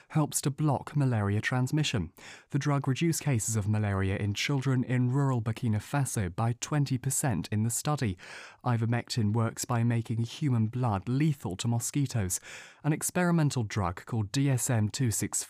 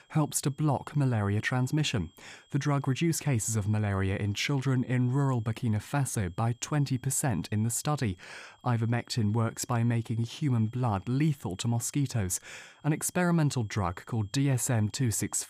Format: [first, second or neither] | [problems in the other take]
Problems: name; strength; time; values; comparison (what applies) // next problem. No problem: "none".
first | high-pitched whine; faint; throughout; 3 kHz, 35 dB below the speech